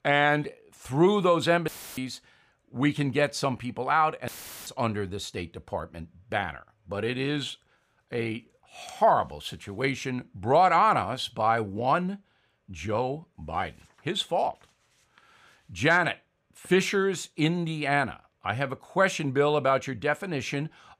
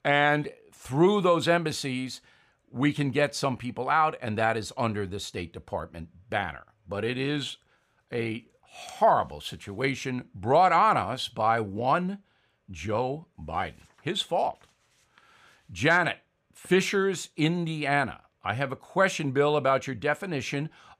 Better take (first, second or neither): second